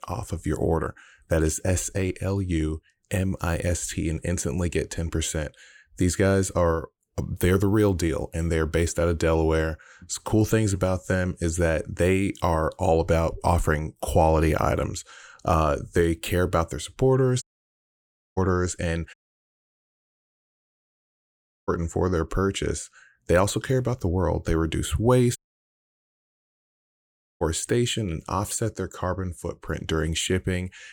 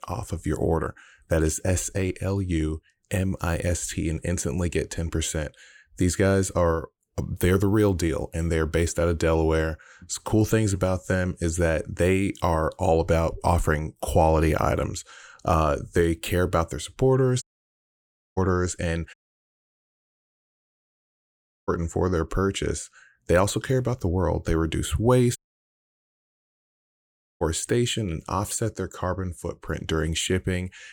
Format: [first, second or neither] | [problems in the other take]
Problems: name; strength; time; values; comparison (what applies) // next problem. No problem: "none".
neither | audio cutting out; at 17 s for 1 s, at 19 s for 2.5 s and at 25 s for 2 s; the same in both